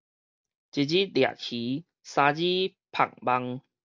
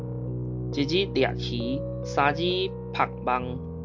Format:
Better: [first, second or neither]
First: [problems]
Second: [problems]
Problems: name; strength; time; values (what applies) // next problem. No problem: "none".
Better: first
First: none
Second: background sound (Piano); 4 dB below the speech